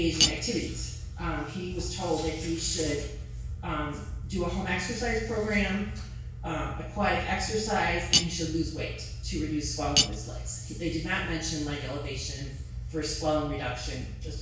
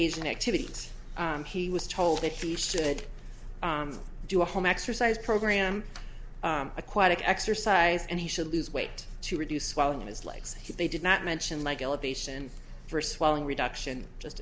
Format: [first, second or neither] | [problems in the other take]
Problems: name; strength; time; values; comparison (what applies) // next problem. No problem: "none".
second | background sound (Cutlery, silverware); 2 dB below the speech // room echo; dies away in 0.6 s